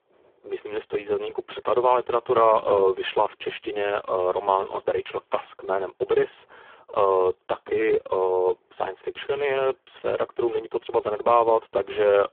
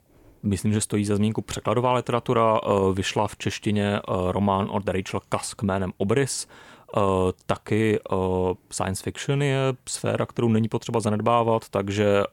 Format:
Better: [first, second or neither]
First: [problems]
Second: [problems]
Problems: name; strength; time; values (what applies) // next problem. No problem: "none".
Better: second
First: phone-call audio; poor line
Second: none